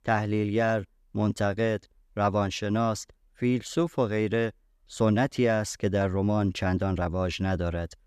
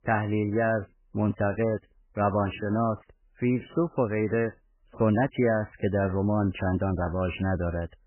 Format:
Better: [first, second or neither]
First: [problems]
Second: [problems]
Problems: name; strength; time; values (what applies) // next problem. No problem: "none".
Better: first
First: none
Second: garbled, watery; badly; nothing above 3 kHz